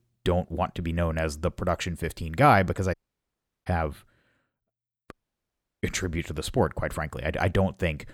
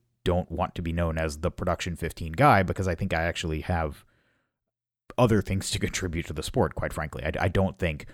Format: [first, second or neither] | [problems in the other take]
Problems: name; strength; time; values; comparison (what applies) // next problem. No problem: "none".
second | audio cutting out; at 3 s for 0.5 s and at 5 s for 0.5 s